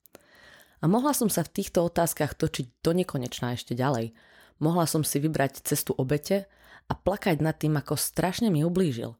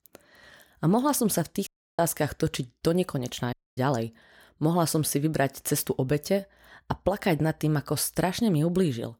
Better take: first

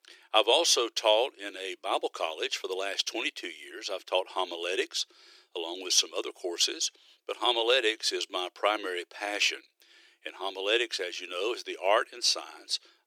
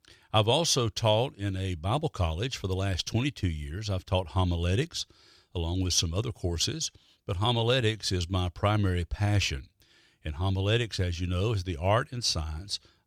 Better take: second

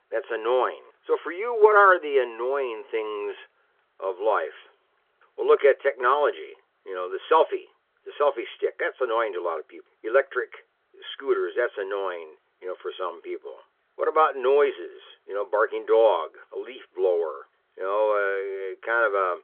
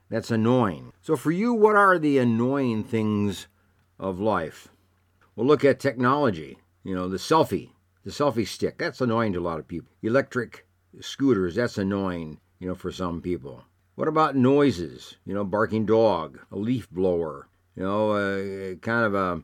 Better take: second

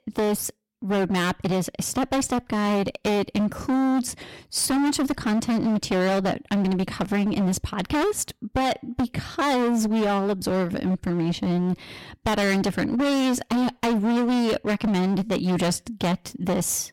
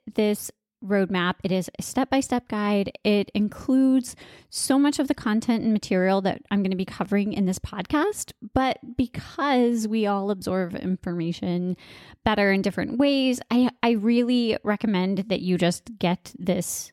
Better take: second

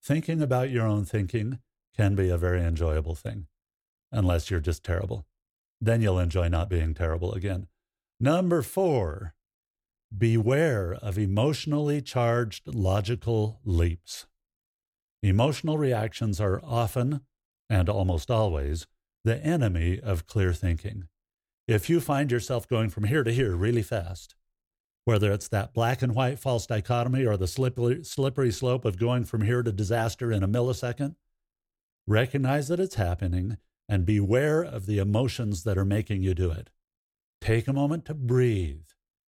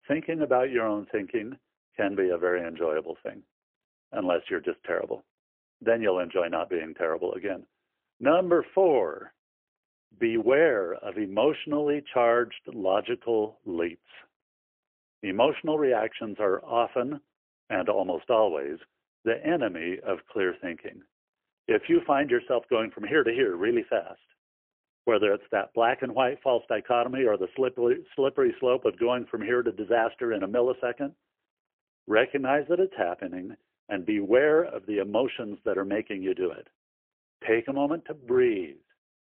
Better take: first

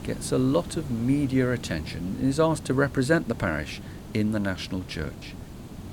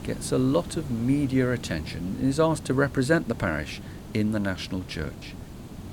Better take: neither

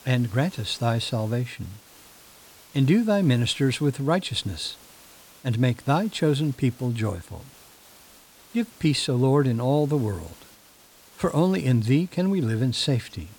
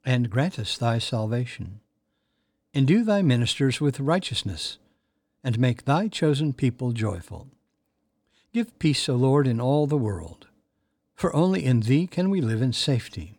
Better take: second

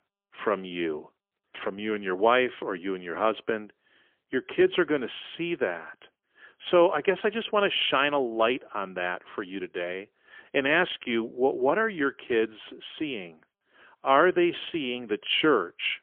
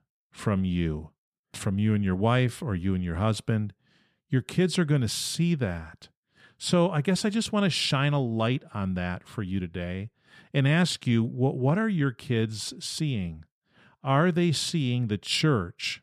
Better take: second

